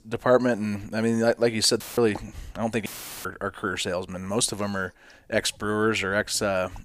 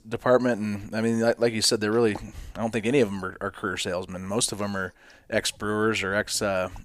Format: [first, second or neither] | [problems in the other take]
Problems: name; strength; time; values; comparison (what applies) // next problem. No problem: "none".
second | audio cutting out; filled with static; at 2 s and at 3 s